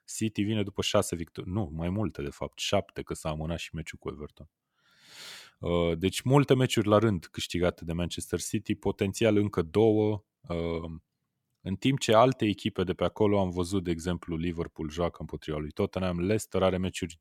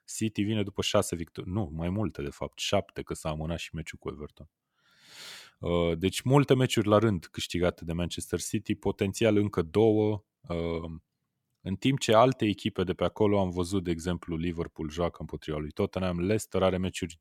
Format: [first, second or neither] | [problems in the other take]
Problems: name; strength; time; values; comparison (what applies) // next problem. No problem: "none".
neither | none